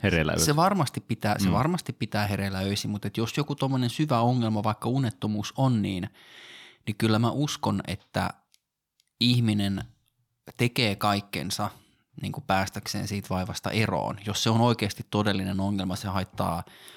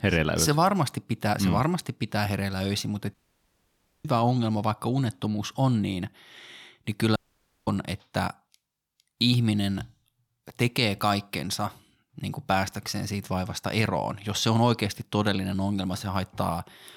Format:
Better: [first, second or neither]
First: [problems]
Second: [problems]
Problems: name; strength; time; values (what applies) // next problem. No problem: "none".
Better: first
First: none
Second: audio cutting out; at 3 s for 1 s and at 7 s for 0.5 s